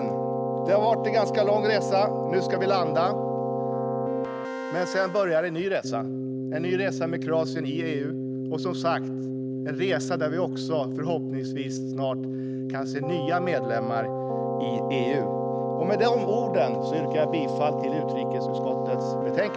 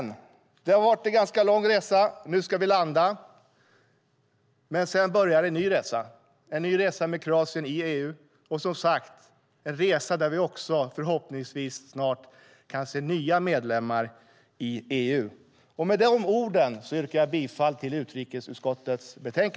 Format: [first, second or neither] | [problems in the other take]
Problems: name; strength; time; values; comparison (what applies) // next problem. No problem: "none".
second | background sound (Keyboard (musical)); as loud as the speech